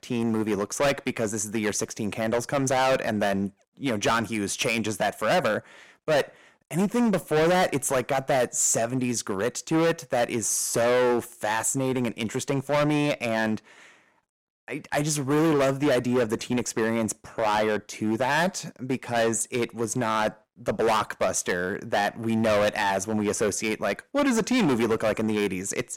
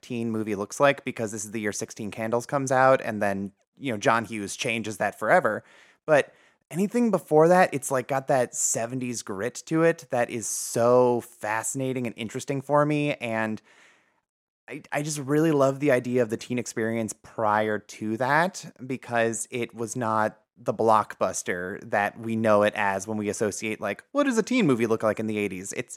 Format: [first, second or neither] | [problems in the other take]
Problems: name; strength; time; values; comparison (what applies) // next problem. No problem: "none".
second | distortion; heavy; 13% of the sound clipped